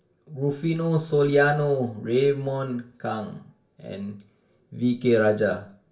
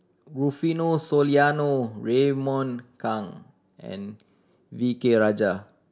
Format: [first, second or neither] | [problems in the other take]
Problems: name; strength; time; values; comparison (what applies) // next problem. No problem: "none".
second | room echo; dies away in 0.3 s